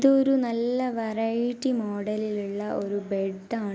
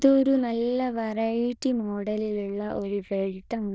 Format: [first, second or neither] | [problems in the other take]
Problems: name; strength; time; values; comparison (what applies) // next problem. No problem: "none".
first | noise reduction (neural diffusion model UNIVERSE++)